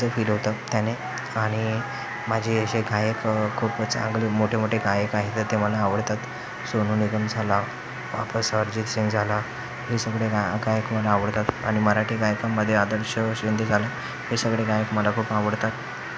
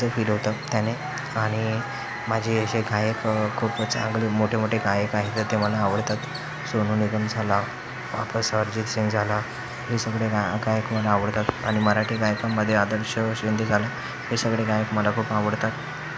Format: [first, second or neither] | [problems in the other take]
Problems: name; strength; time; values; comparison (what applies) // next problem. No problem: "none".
first | background sound (Crow); 18 dB below the speech